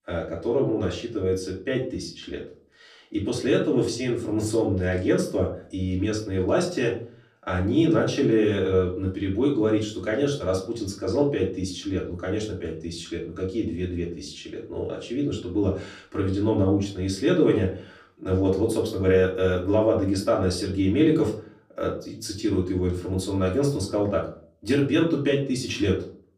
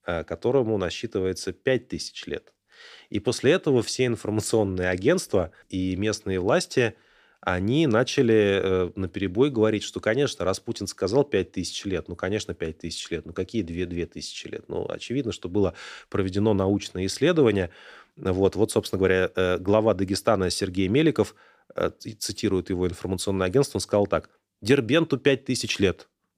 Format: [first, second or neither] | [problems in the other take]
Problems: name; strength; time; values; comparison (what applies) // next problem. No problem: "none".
second | off-mic speech; far // room echo; slight; dies away in 0.4 s